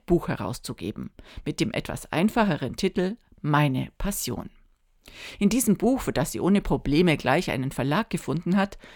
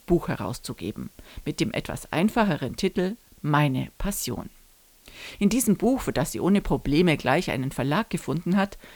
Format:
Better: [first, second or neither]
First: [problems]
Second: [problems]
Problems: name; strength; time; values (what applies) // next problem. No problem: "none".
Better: first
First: none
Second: hiss; faint; throughout; 30 dB below the speech